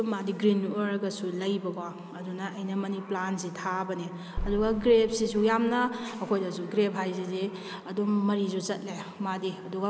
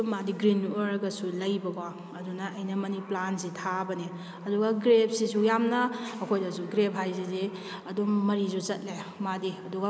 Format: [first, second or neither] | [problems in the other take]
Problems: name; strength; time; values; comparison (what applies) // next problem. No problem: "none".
second | background sound (Boom); 10 dB below the speech